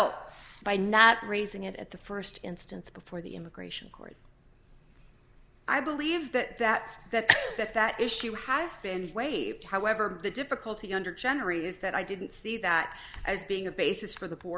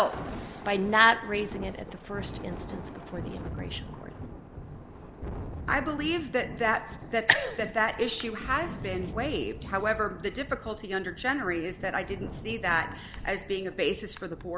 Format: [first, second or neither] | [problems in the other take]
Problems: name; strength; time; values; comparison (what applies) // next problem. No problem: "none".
first | background sound (Thunder); 10 dB below the speech